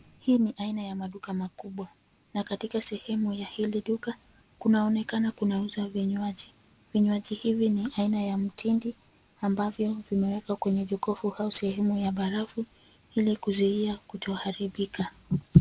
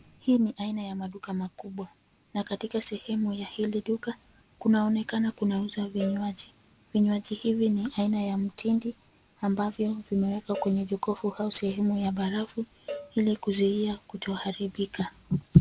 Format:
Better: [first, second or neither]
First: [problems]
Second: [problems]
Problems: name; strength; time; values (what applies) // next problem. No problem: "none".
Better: first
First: none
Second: background sound (Cowbell); 17 dB below the speech